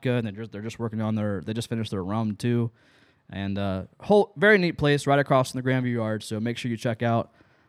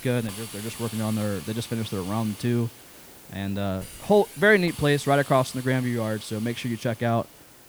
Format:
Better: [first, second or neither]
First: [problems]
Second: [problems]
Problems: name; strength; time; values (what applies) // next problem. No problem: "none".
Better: first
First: none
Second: hiss; noticeable; throughout; 15 dB below the speech